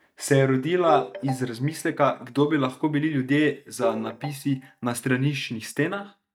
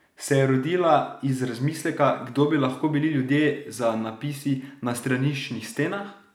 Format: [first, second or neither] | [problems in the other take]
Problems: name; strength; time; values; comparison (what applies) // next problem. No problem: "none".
second | noise reduction (neural mask model DeepFilterNet 3)